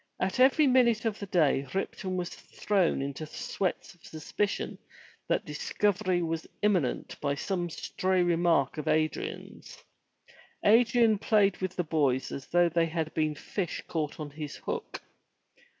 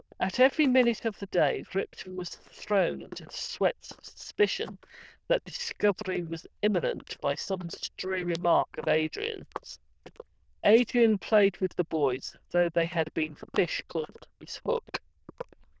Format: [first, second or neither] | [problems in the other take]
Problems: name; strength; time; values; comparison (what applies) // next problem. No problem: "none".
first | noise reduction (neural diffusion model UNIVERSE++)